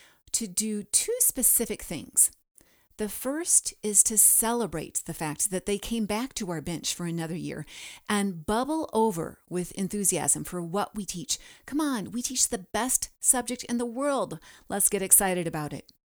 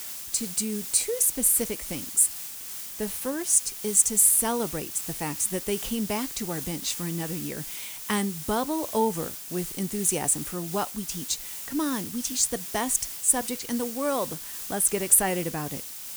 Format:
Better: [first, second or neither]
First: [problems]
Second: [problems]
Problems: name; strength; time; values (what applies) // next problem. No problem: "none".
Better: first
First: none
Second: hiss; loud; throughout; 9 dB below the speech